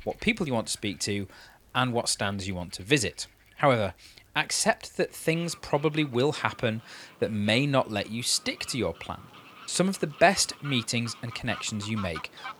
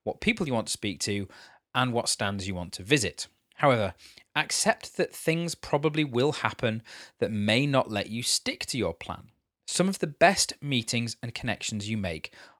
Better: second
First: animal sounds; faint; throughout; 20 dB below the speech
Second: none

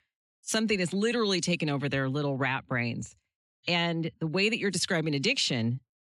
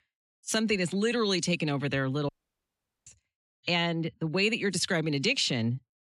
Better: first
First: none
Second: audio cutting out; at 2.5 s for 1 s

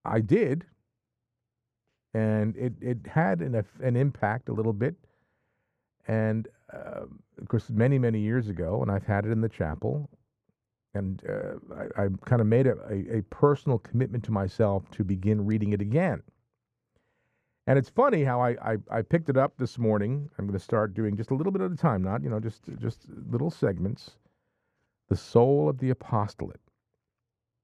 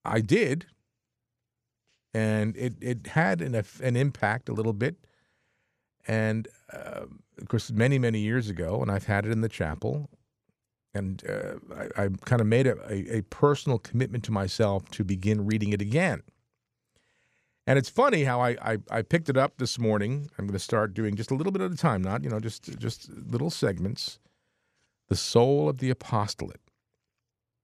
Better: second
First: muffled; very; fading above 2 kHz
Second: none

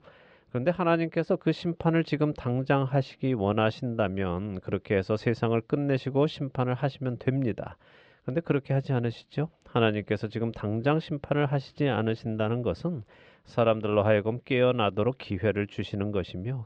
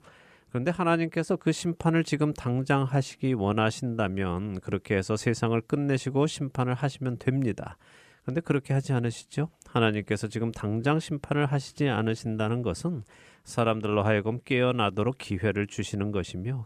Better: second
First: muffled; slightly; fading above 4 kHz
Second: none

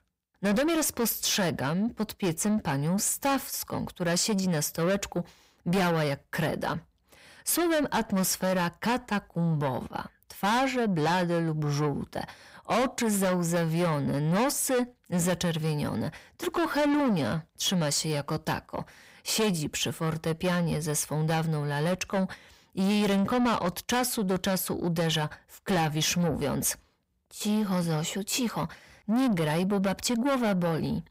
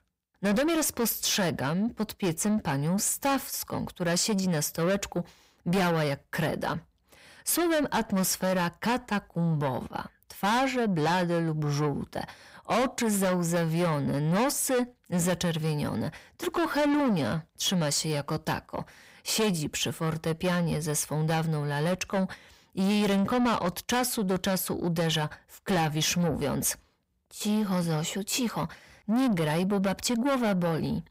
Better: neither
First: distortion; heavy; 7 dB below the speech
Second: distortion; heavy; 7 dB below the speech

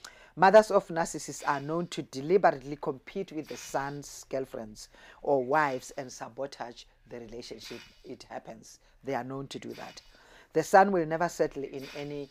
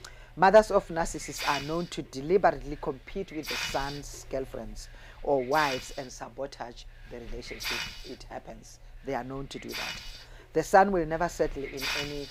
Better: first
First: hiss; faint; throughout; 25 dB below the speech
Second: hiss; loud; throughout; 8 dB below the speech

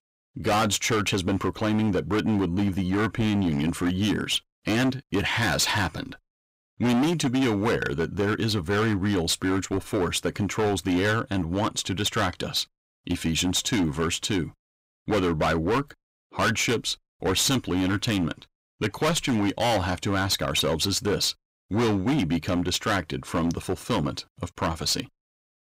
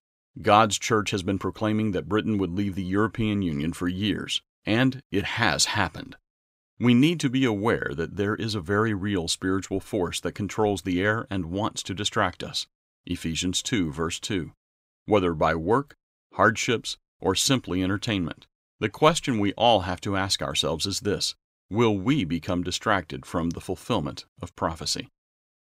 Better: second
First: distortion; heavy; 15% of the sound clipped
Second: none

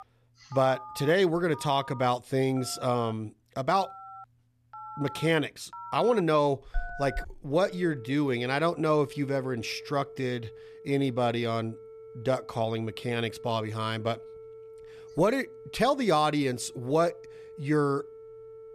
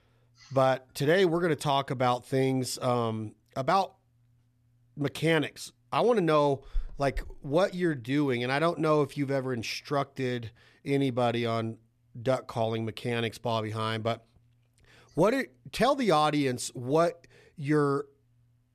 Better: second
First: alarms or sirens; noticeable; throughout; 15 dB below the speech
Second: none

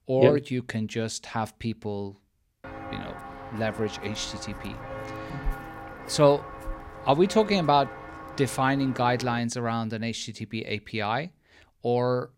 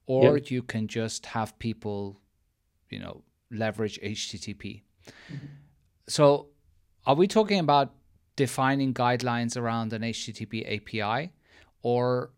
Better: second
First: footsteps; noticeable; from 2.5 to 9 s; peak 9 dB below the speech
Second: none

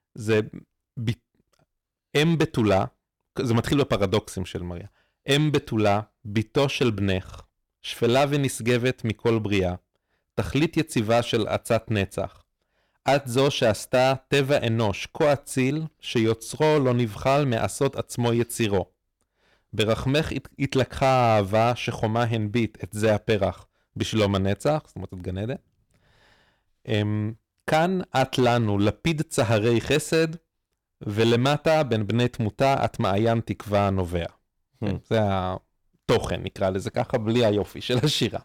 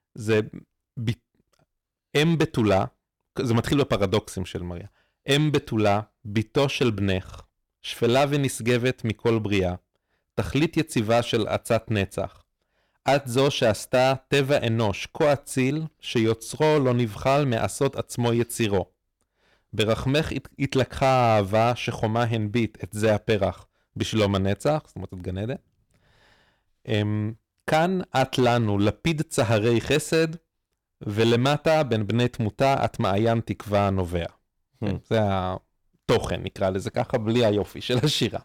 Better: neither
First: distortion; slight; 5% of the sound clipped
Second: distortion; slight; 5% of the sound clipped

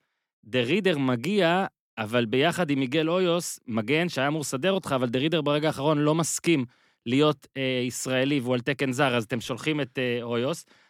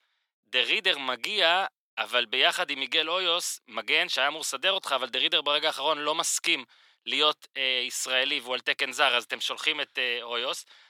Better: first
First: none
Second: thin; very; fading below 850 Hz

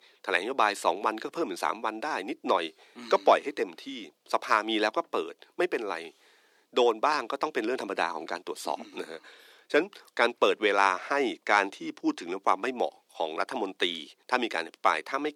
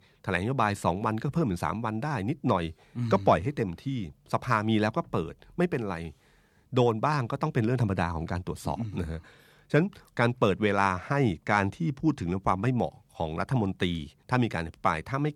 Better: second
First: thin; very; fading below 300 Hz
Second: none

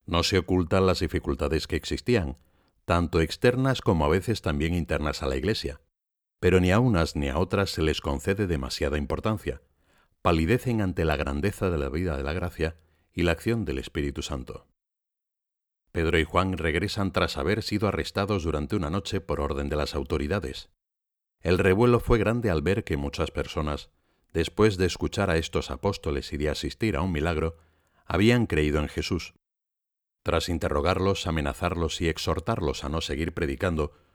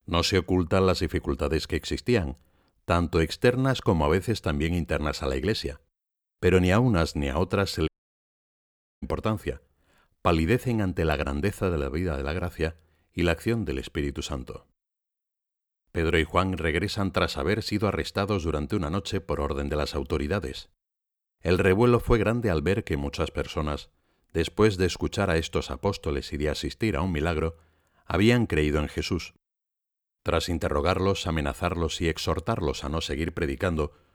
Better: first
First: none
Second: audio cutting out; at 8 s for 1 s

